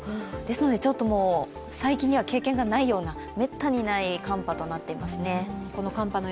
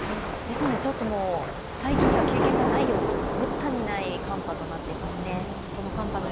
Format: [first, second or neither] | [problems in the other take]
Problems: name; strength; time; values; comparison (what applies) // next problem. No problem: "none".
first | background sound (Thunder / Rain); 3 dB above the speech